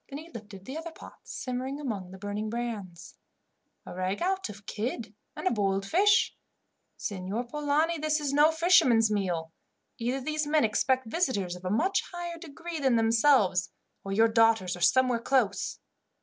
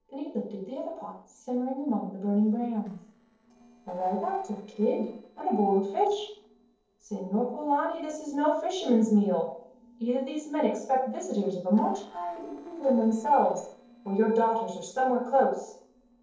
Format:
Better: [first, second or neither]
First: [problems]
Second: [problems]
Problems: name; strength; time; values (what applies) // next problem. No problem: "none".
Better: first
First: none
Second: noise reduction (neural separator model SepFormer DNS4)